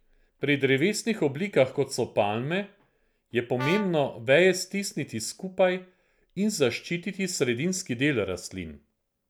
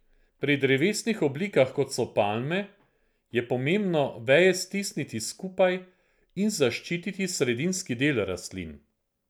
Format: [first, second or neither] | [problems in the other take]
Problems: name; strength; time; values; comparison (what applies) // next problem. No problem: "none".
second | background sound (Brass instrument); 11 dB below the speech